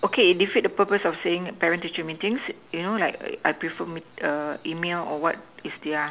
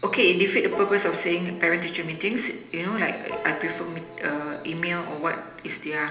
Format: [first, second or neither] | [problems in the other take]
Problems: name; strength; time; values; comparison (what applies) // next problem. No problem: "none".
first | background sound (Piano); 15 dB below the speech // room echo; dies away in 1 s